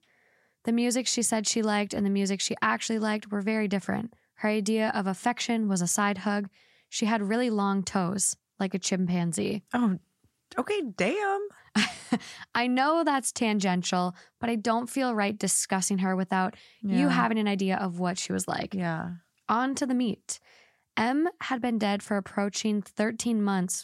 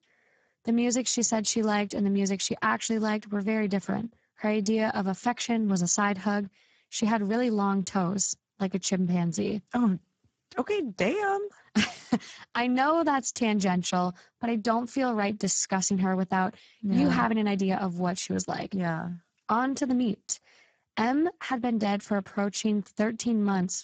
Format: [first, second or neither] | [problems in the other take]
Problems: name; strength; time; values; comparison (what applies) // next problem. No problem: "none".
first | garbled, watery; badly; nothing above 7.5 kHz